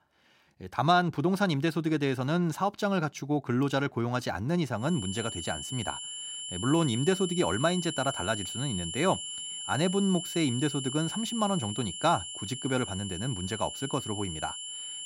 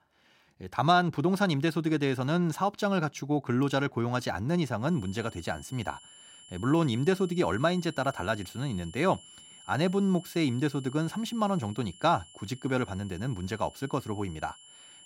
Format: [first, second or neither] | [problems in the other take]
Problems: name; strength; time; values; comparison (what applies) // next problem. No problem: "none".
second | high-pitched whine; loud; from 5 s on; 3 kHz, 6 dB below the speech; faint in the second